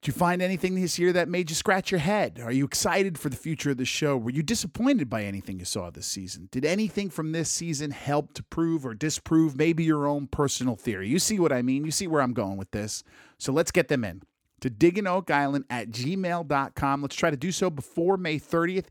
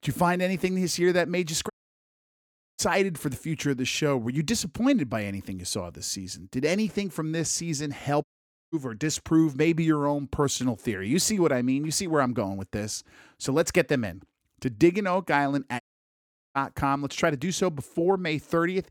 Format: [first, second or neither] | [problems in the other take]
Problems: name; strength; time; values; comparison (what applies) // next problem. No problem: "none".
first | audio cutting out; at 1.5 s for 1 s, at 8 s and at 16 s for 1 s